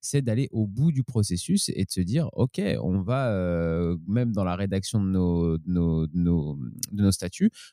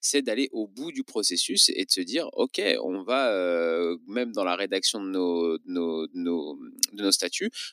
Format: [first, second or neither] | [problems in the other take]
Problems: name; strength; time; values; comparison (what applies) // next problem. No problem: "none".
first | thin; somewhat; fading below 250 Hz